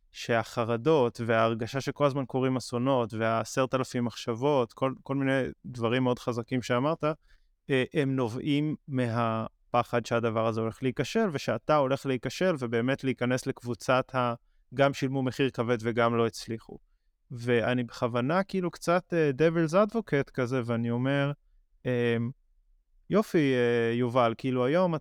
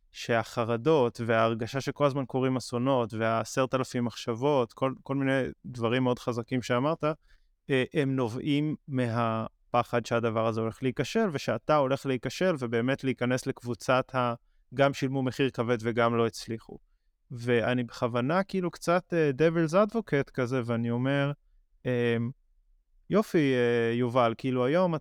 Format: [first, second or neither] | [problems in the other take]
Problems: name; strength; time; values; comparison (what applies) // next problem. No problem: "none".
neither | none